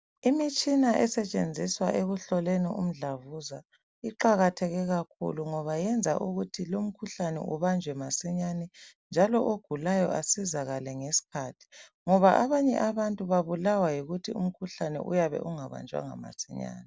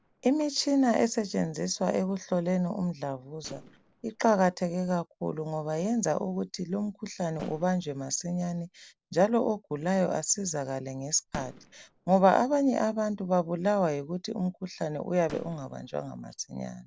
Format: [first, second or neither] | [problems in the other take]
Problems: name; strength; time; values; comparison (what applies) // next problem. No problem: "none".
first | noise reduction (neural separator model SepFormer DNS4)